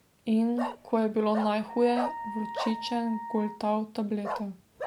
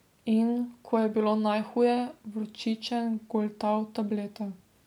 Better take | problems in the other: second | background sound (Wind instrument, woodwind instrument + Bark); 9 dB below the speech

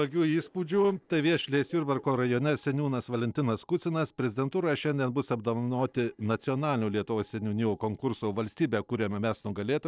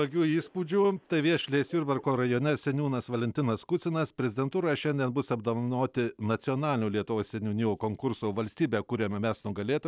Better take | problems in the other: second | noise reduction (neural separator model SepFormer DNS4)

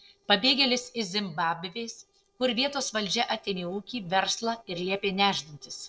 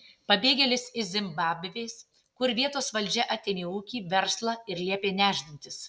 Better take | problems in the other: second | noise reduction (neural separator model SepFormer DNS4)

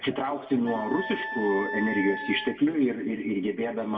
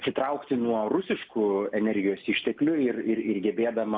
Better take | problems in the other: second | background sound (Wind instrument, woodwind instrument); 8 dB below the speech // room echo; dies away in 1.2 s

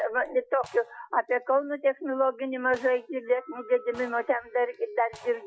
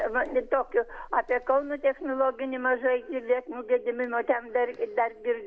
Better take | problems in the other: second | noise reduction (classical method Wiener filter)

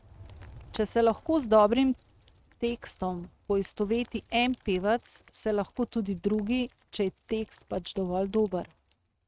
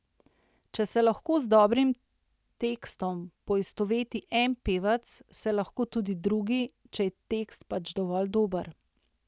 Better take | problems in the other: second | noise reduction (neural mask model RNNoise)

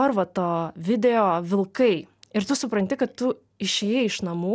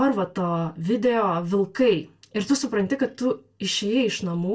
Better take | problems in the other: first | room echo; dies away in 0.2 s

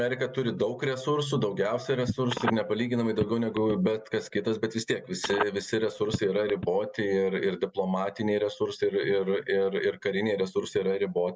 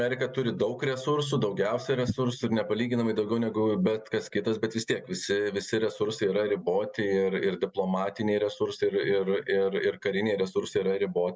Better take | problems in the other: second | background sound (Telephone); 8 dB below the speech

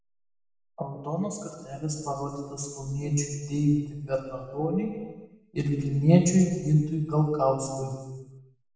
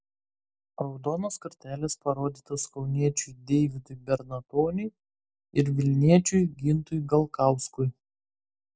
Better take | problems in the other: second | room echo; dies away in 1.3 s

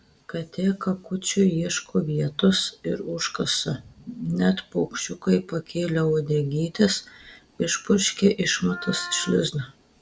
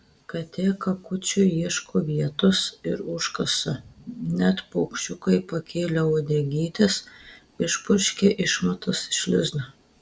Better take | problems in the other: second | background sound (Wind instrument, woodwind instrument); 15 dB below the speech

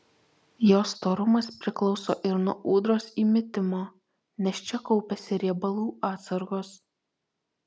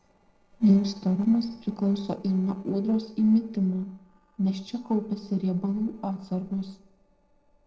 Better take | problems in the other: first | noise reduction (neural separator model SepFormer DNS4)

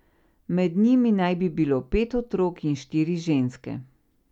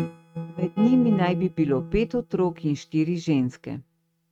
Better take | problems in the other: first | noise reduction (neural mask model RNNoise)

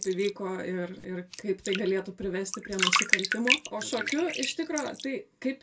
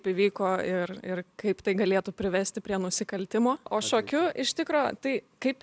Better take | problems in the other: second | background sound (Bathtub (filling or washing)); 1 dB below the speech // room echo; dies away in 0.2 s

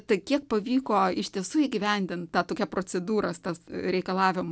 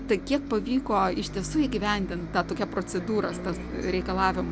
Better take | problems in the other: first | background sound (Bus); 8 dB below the speech

